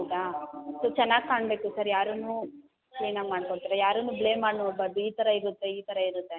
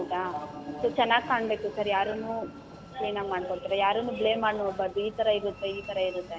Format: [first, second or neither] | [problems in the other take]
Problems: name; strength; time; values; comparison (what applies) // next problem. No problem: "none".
first | background sound (Train); 17 dB below the speech